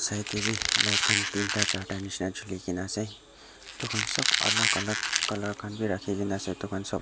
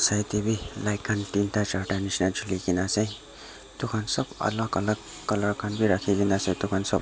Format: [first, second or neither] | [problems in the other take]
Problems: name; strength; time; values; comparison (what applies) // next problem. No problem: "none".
second | background sound (Squeak); 4 dB above the speech